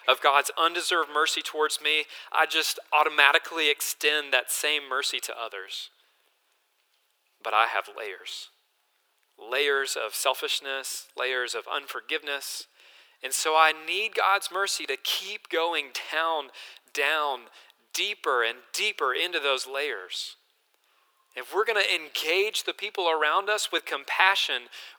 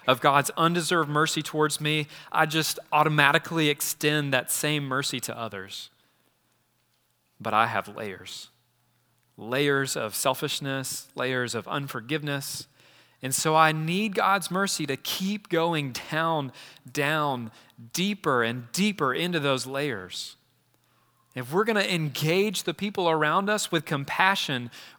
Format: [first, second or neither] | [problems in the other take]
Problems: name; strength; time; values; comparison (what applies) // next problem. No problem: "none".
second | thin; very; fading below 400 Hz